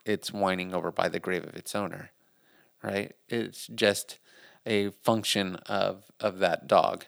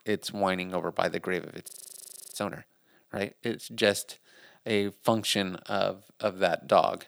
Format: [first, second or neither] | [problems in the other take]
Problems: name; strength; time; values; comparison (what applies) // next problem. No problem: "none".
first | audio freezing; at 1.5 s for 0.5 s